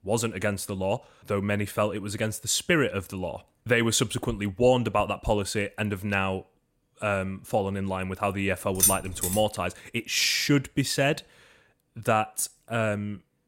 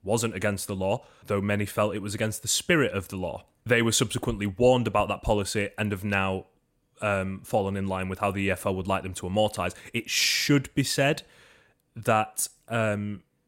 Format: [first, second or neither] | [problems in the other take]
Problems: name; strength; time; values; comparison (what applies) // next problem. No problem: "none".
second | jangling keys; loud; at 9 s; peak 5 dB above the speech